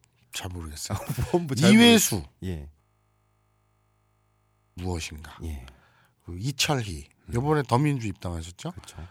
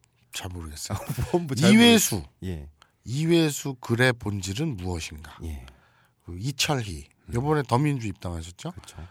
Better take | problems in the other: second | audio freezing; at 3 s for 2 s

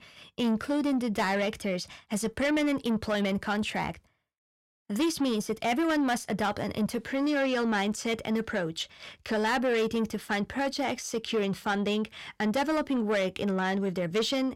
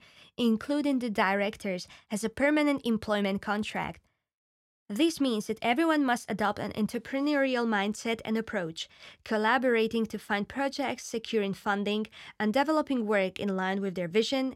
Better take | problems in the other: second | distortion; slight; 10 dB below the speech

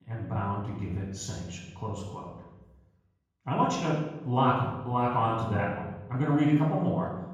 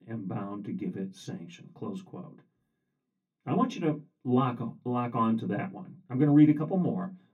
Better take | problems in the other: second | room echo; strong; dies away in 1.3 s; slight in the second // off-mic speech; far; far in the second

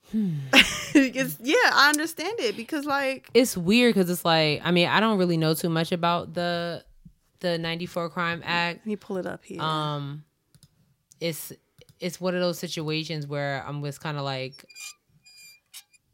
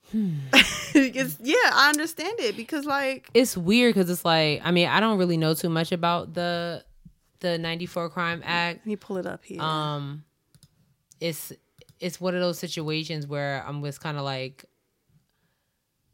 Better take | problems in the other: second | clattering dishes; faint; from 15 s on; peak 15 dB below the speech

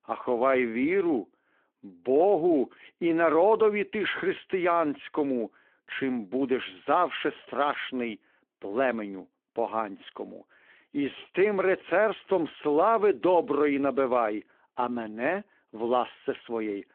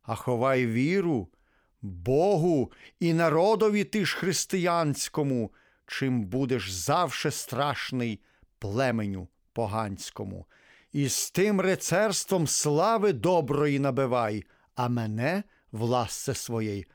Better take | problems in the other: second | phone-call audio

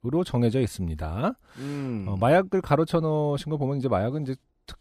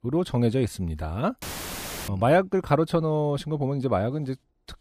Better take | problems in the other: first | audio cutting out; filled with static; at 1.5 s for 0.5 s

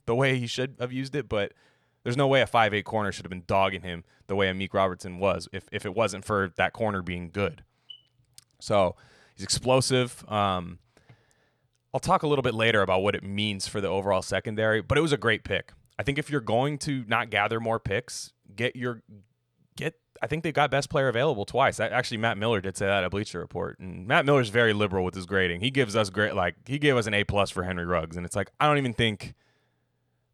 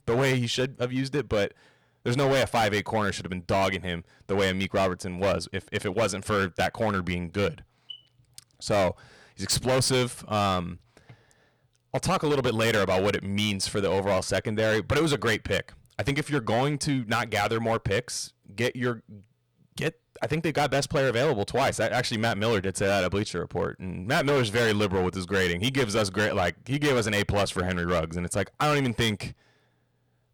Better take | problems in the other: first | distortion; heavy; 12% of the sound clipped

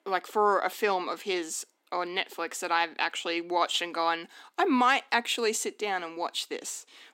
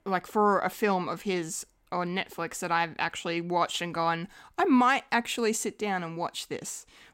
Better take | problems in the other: second | thin; very slightly; fading below 250 Hz

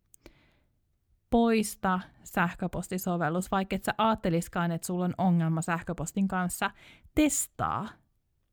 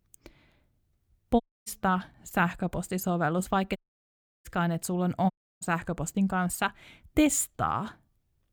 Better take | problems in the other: first | audio cutting out; at 1.5 s, at 4 s for 0.5 s and at 5.5 s

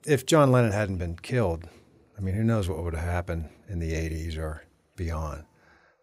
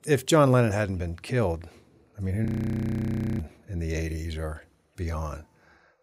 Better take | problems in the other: first | audio freezing; at 2.5 s for 1 s

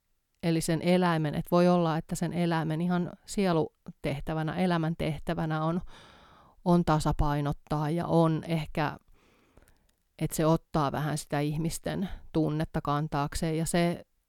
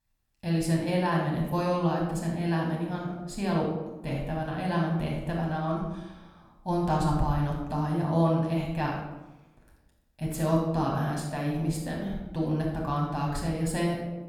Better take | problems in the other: first | off-mic speech; far // room echo; noticeable; dies away in 0.8 s

